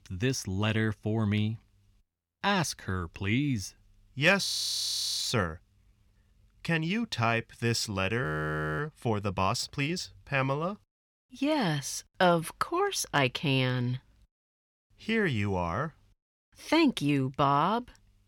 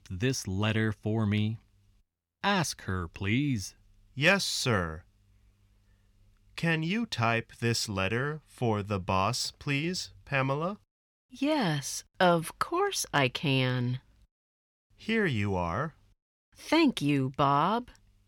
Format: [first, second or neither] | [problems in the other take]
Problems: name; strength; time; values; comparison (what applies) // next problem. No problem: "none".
second | audio freezing; at 4.5 s for 0.5 s and at 8 s for 0.5 s